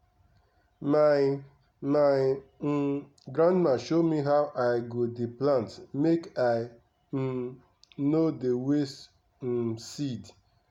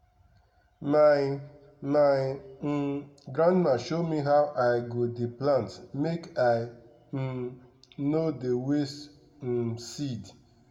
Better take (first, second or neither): first